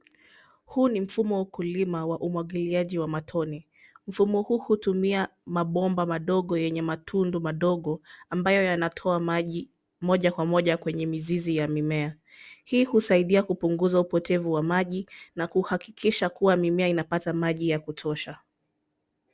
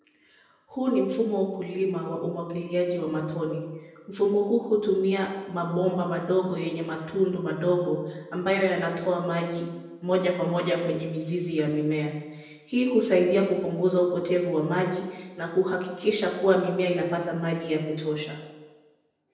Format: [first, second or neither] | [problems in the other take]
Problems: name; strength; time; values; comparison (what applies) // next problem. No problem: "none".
first | room echo; dies away in 1 s